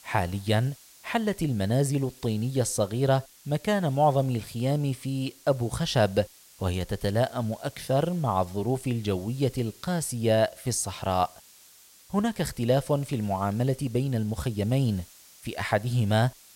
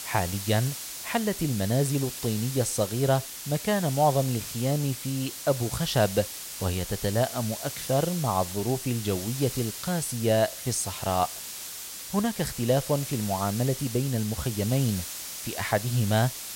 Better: first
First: hiss; faint; throughout; 25 dB below the speech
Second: hiss; loud; throughout; 7 dB below the speech

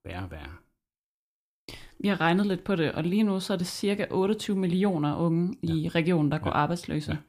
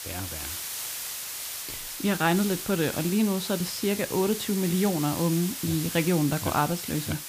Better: first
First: none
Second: hiss; loud; throughout; 6 dB below the speech

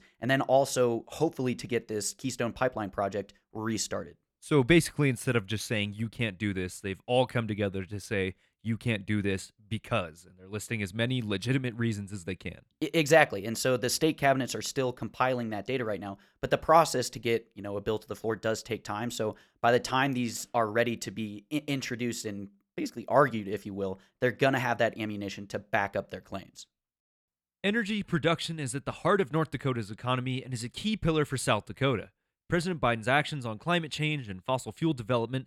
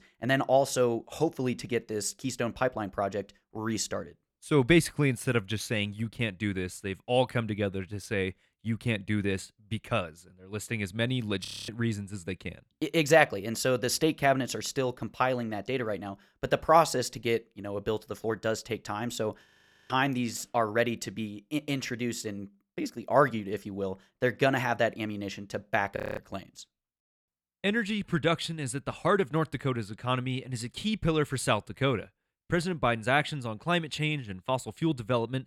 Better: first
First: none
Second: audio freezing; at 11 s, at 19 s and at 26 s

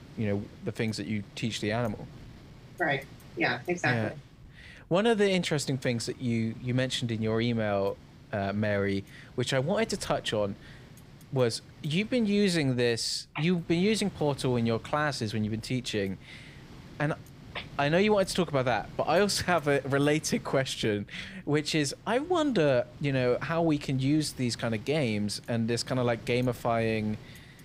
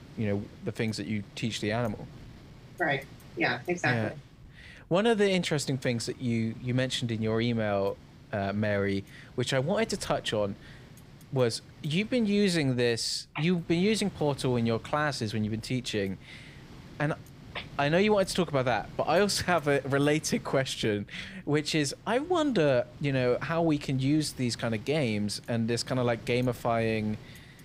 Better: neither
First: wind noise on the microphone; occasional gusts; 25 dB below the speech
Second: wind noise on the microphone; occasional gusts; 25 dB below the speech

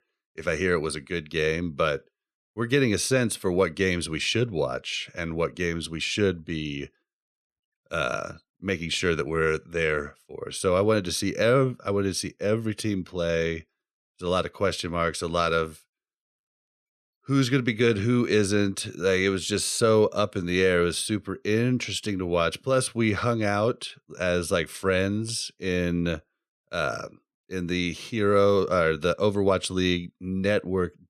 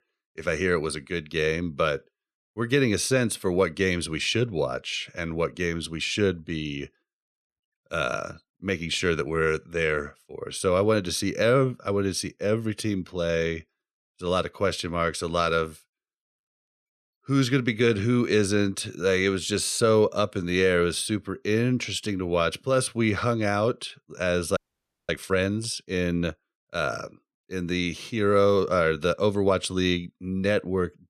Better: first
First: none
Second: audio freezing; at 25 s for 0.5 s

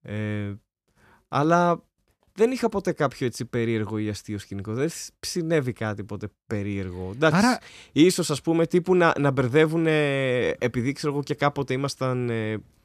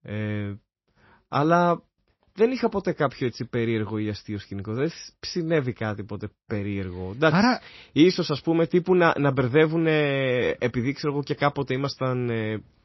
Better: first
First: none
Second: garbled, watery; slightly; nothing above 5.5 kHz

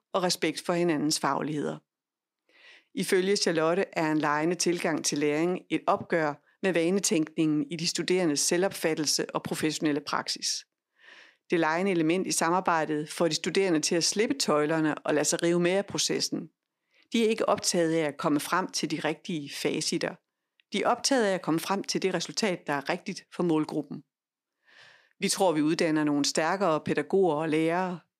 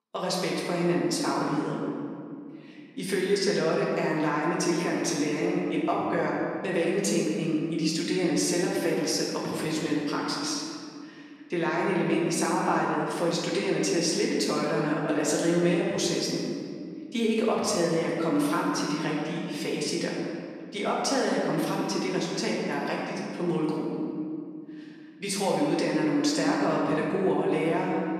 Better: first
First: none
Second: room echo; noticeable; dies away in 2.1 s // off-mic speech; far

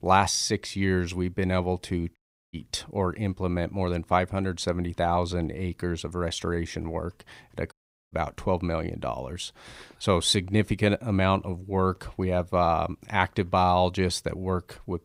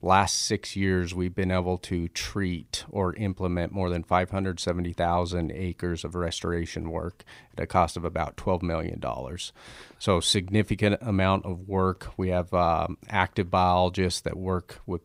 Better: second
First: audio cutting out; at 2 s and at 7.5 s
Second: none

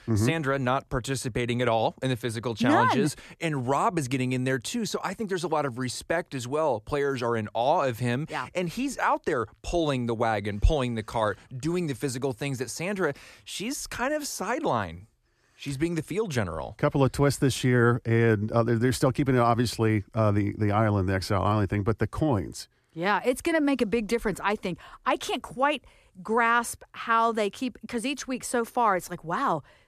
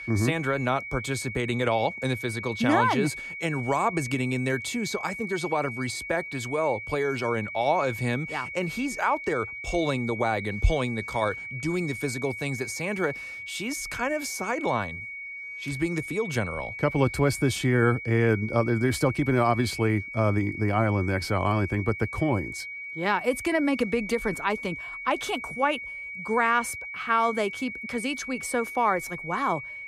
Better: first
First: none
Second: high-pitched whine; loud; throughout; 2 kHz, 8 dB below the speech

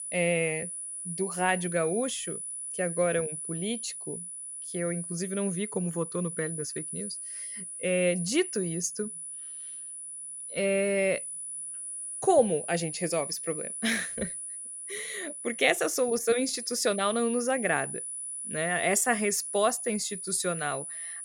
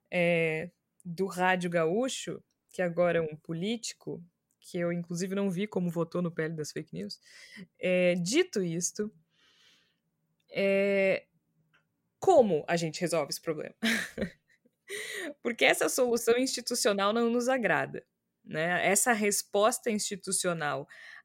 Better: second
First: high-pitched whine; loud; throughout; 10 kHz, 6 dB below the speech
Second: none

